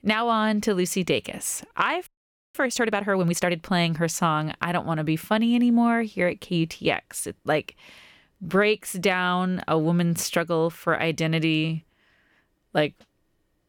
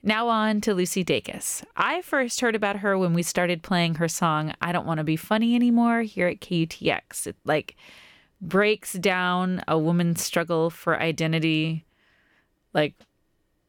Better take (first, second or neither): second